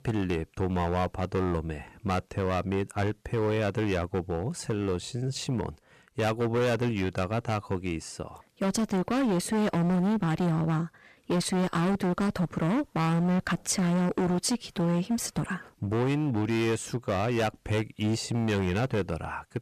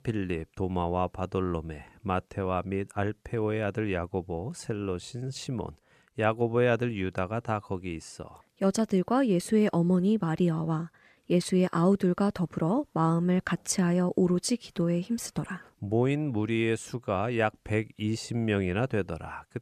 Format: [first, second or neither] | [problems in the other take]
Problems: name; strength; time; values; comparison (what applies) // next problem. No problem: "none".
second | distortion; heavy; 18% of the sound clipped